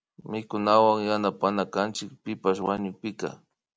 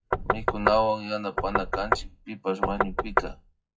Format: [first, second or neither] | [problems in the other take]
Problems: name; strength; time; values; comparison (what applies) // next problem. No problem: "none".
first | noise reduction (classical method WPE with log-MMSE)